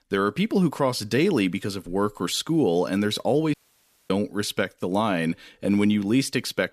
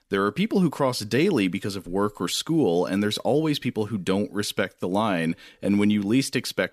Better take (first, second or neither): second